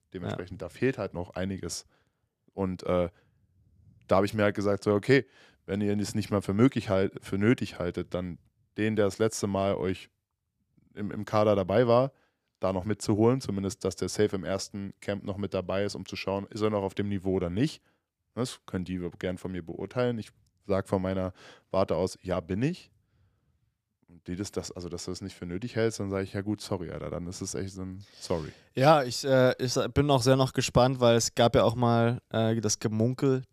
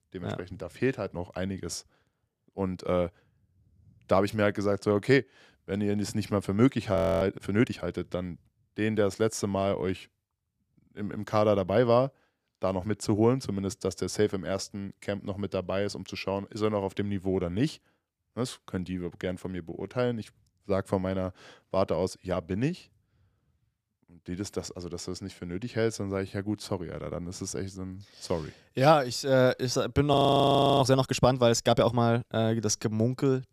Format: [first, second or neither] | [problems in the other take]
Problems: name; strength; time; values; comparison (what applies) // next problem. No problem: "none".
first | audio freezing; at 7 s and at 30 s for 0.5 s